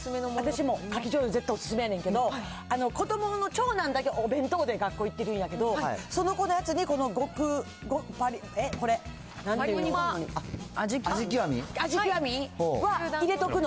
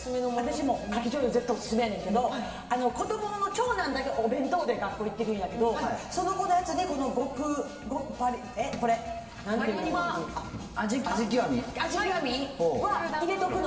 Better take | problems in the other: first | room echo; dies away in 2.3 s

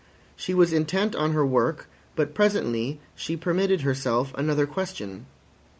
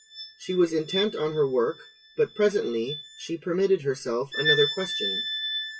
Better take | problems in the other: first | noise reduction (classical method WPE with log-MMSE)

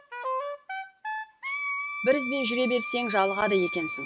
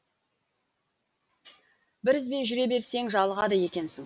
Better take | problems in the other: second | background sound (Wind instrument, woodwind instrument); 4 dB below the speech

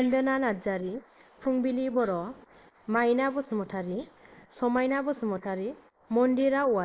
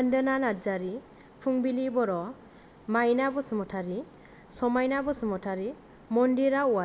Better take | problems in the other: second | noise reduction (neural mask model Resemble Enhance denoiser)

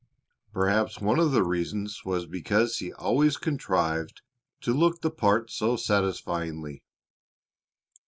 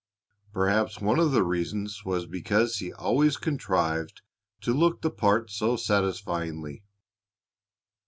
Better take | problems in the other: second | noise reduction (neural mask model Resemble Enhance denoiser)

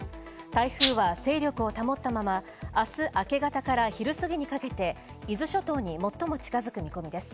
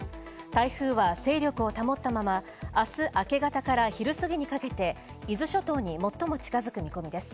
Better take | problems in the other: second | background sound (Rattle (instrument)); 1 dB above the speech

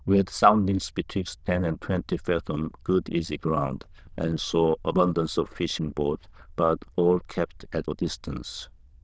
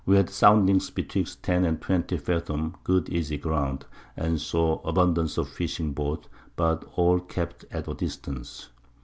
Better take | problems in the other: second | noise reduction (neural diffusion model UNIVERSE++)

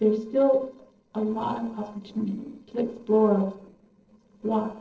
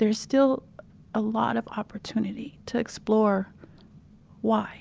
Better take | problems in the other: second | noise reduction (neural separator model SepFormer DNS4)

